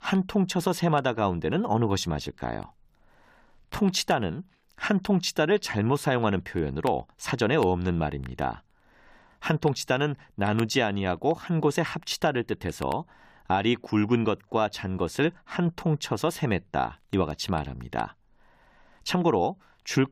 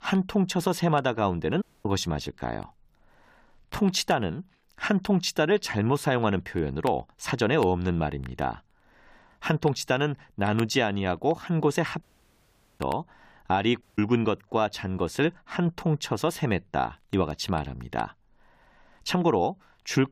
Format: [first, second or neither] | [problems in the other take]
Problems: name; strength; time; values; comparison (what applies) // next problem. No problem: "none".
first | audio cutting out; at 1.5 s, at 12 s for 1 s and at 14 s